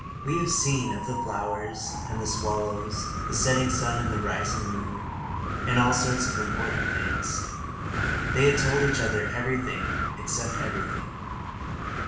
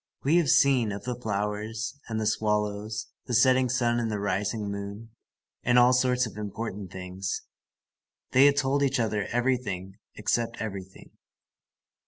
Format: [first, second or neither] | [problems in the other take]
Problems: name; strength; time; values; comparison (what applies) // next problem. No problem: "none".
second | background sound (Wind); 1 dB below the speech // room echo; dies away in 0.7 s